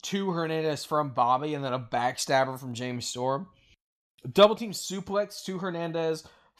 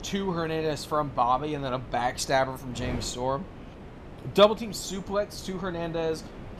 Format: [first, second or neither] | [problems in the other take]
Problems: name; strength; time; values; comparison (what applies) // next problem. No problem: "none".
first | wind noise on the microphone; occasional gusts; 20 dB below the speech